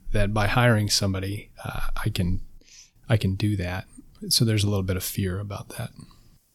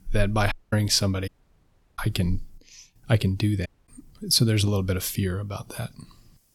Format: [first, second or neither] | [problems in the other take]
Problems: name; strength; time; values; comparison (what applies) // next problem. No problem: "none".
first | audio cutting out; at 0.5 s, at 1.5 s for 0.5 s and at 3.5 s